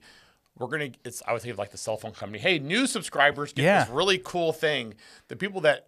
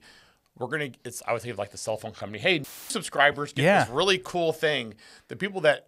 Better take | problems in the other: first | audio cutting out; filled with static; at 2.5 s

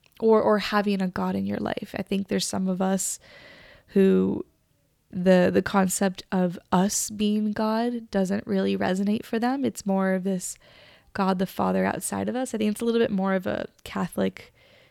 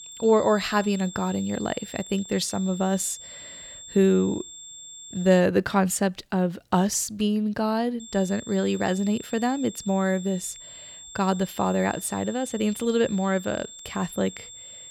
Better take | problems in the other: first | high-pitched whine; noticeable; until 5.5 s and from 8 s on; 7.5 kHz, 15 dB below the speech

